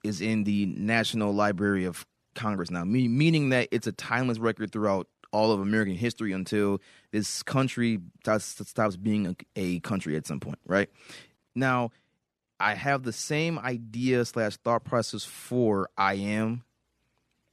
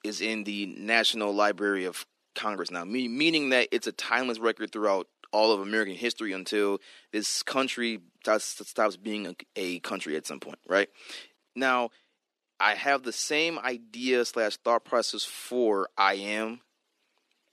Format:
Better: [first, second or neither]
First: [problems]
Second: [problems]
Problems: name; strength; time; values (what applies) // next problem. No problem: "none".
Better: first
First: none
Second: thin; somewhat; fading below 300 Hz